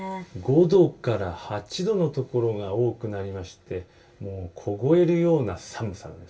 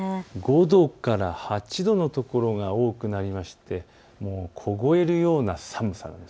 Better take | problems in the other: second | room echo; dies away in 0.2 s

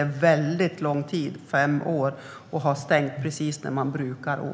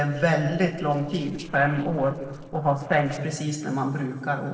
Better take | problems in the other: first | noise reduction (neural separator model SepFormer DNS4)

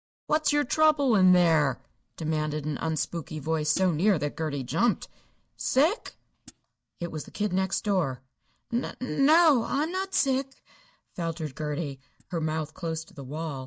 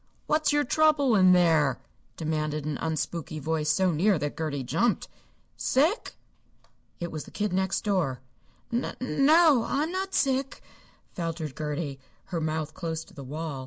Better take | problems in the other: second | noise reduction (neural mask model DeepFilterNet 3)

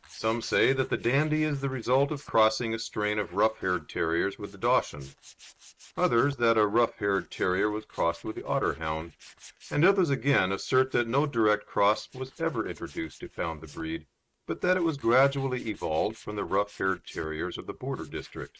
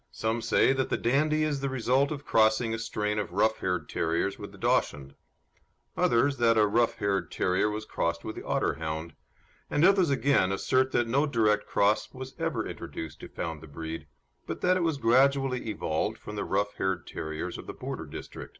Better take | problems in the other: second | noise reduction (neural mask model RNNoise)

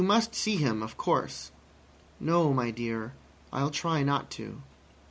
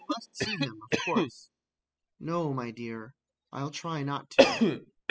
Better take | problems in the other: first | noise reduction (classical method spectral subtraction)

